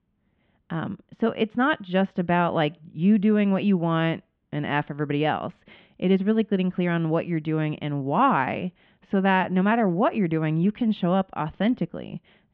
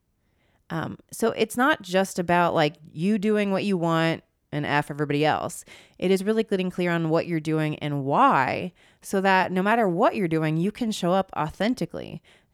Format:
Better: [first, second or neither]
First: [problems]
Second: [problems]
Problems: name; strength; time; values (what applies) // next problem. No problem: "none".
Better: second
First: muffled; very; fading above 3.5 kHz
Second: none